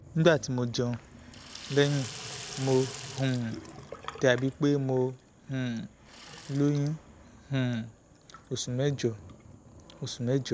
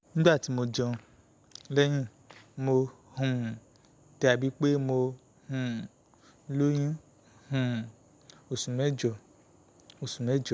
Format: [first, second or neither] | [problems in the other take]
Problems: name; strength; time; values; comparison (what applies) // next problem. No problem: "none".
second | background sound (Sink (filling or washing) / Water tap, faucet); 16 dB below the speech